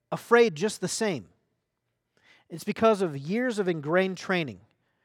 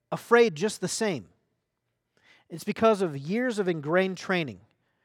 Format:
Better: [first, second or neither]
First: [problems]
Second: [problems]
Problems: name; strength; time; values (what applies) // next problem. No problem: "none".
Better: neither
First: none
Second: none